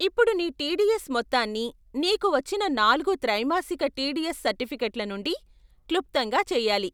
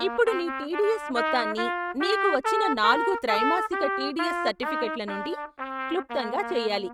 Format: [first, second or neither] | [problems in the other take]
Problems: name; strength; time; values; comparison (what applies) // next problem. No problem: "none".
first | noise reduction (neural mask model RNNoise)